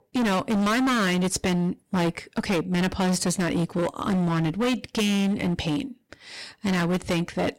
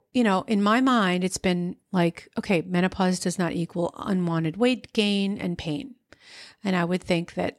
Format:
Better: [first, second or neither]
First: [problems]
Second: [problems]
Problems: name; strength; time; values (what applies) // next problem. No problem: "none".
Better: second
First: distortion; heavy; 26% of the sound clipped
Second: none